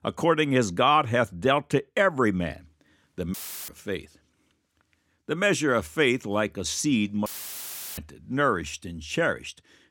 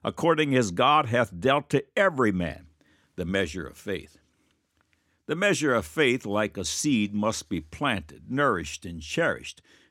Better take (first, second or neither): second